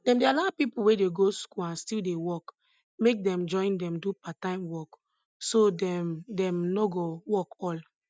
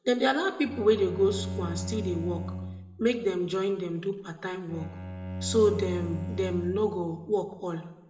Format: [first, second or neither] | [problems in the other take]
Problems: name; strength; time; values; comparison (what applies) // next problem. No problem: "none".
first | background sound (Bowed string instrument); 9 dB below the speech // room echo; dies away in 0.8 s